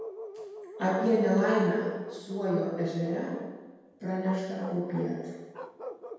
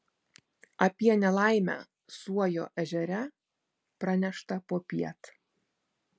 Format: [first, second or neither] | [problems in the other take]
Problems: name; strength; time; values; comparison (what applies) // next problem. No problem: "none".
second | background sound (Bark); 14 dB below the speech // room echo; dies away in 1.2 s